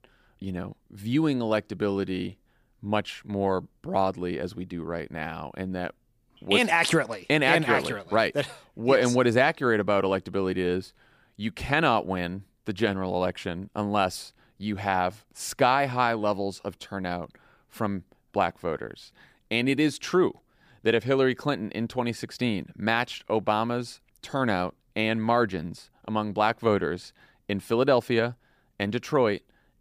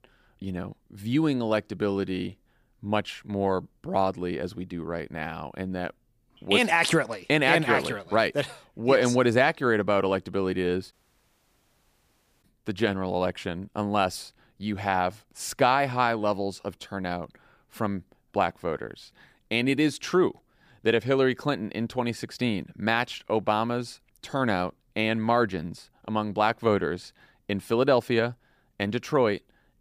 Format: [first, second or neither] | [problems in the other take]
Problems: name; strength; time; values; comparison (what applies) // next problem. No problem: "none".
first | audio cutting out; at 11 s for 1.5 s